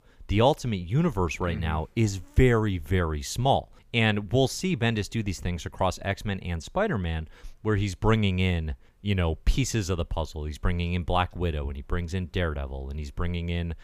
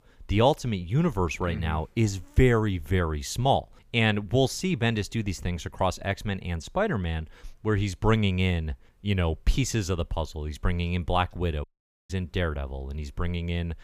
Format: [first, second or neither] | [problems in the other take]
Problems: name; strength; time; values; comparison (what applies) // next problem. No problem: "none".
first | audio cutting out; at 12 s